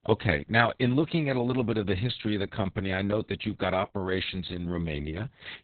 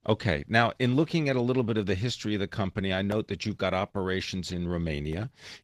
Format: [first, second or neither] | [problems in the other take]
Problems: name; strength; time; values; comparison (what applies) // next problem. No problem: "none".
second | garbled, watery; badly; nothing above 4 kHz; slightly in the second